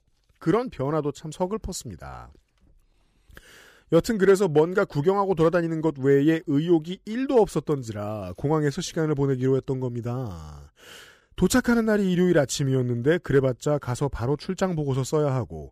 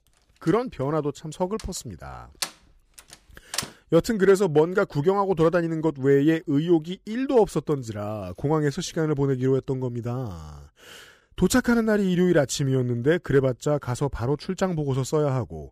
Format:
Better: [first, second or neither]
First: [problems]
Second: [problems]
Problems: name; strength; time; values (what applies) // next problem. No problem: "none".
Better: first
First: none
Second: door banging; noticeable; from 1.5 to 3.5 s; peak 7 dB below the speech